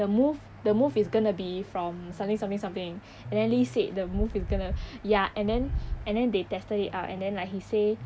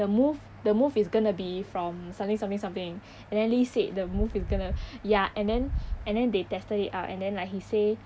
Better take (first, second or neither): second